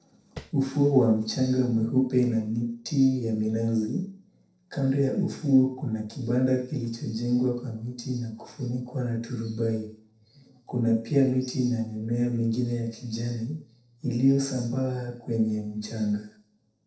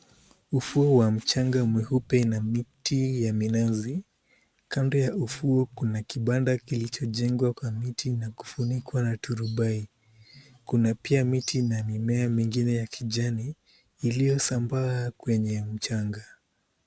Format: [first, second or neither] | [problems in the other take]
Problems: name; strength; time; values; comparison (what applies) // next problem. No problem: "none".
second | noise reduction (neural separator model SepFormer DNS4)